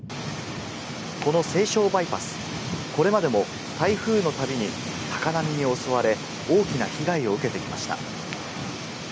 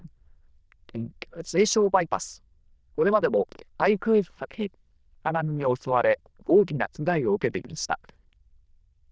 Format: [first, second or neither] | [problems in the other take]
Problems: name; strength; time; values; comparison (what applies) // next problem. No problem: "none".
first | noise reduction (neural diffusion model UNIVERSE++)